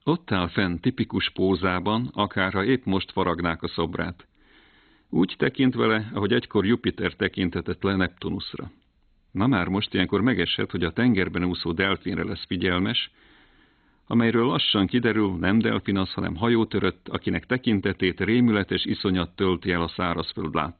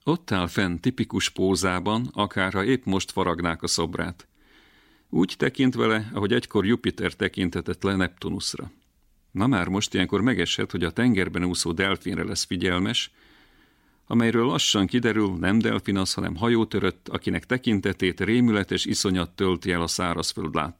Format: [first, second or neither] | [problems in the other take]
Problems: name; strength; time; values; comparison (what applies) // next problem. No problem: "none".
second | garbled, watery; badly; nothing above 4 kHz